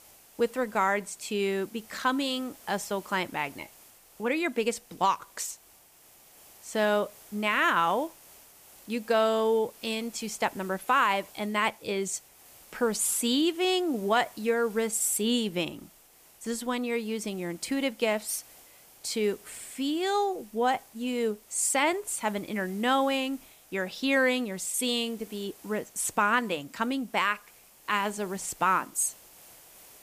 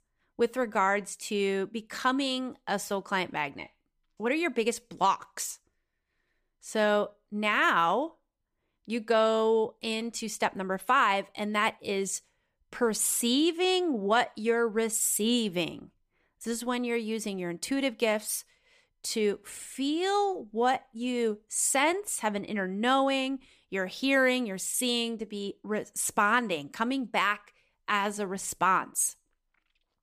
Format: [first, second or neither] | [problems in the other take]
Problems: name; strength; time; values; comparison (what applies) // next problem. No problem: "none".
second | hiss; faint; throughout; 25 dB below the speech